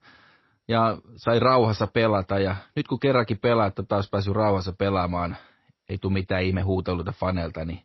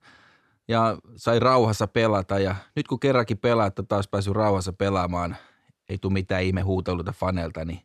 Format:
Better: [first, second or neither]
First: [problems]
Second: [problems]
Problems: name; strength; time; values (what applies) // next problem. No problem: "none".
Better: second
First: garbled, watery; slightly; nothing above 5.5 kHz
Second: none